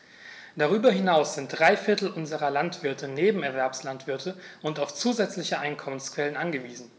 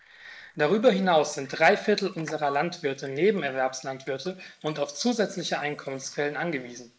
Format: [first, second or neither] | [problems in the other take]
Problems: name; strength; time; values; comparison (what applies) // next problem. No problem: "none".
first | noise reduction (neural mask model Resemble Enhance denoiser)